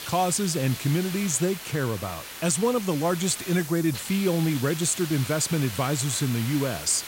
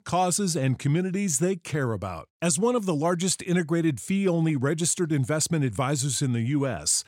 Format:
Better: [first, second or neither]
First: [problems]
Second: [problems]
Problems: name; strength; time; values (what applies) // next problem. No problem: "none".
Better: second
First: hiss; loud; throughout; 10 dB below the speech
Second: none